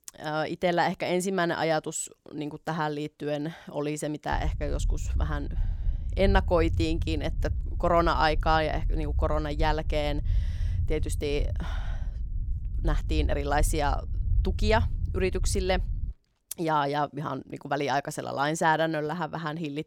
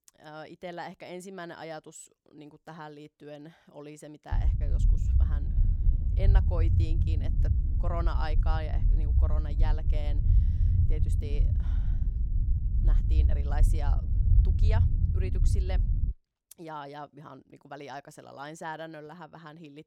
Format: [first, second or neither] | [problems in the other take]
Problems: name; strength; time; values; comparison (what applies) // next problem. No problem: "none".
first | low rumble; loud; from 4.5 to 16 s; 4 dB below the speech; faint in the first